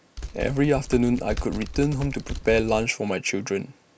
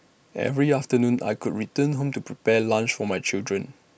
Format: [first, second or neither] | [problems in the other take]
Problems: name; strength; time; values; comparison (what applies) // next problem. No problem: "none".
second | background sound (Typing); 9 dB below the speech